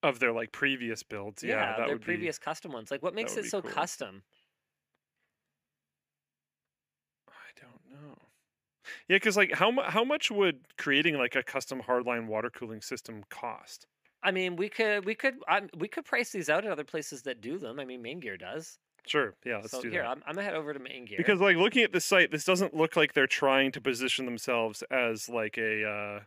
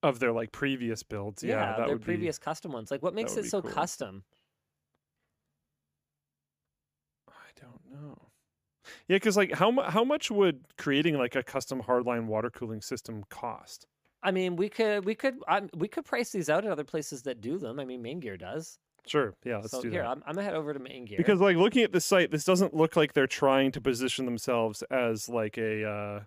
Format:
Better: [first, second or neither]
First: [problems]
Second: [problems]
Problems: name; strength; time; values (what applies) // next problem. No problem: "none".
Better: second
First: thin; very slightly; fading below 450 Hz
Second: none